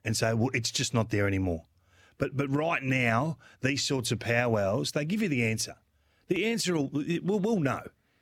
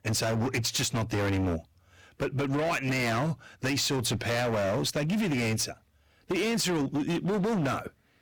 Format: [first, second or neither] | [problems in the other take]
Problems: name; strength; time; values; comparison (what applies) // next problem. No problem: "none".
first | distortion; heavy; 24% of the sound clipped